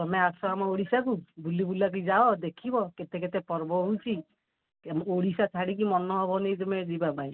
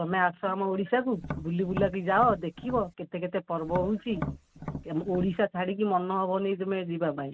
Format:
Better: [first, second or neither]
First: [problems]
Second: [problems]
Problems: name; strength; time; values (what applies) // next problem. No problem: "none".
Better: first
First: none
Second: background sound (Tap); 9 dB below the speech